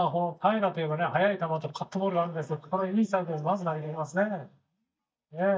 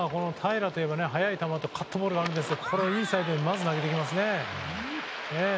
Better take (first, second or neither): second